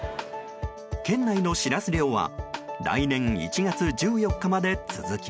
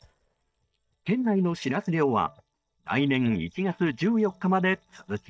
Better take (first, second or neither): first